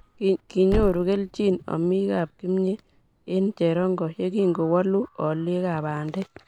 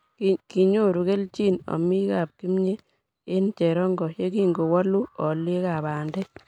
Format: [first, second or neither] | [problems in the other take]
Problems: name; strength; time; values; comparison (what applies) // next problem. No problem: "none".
second | background sound (Thump, thud); 14 dB below the speech